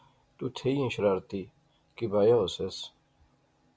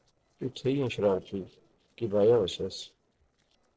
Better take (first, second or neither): first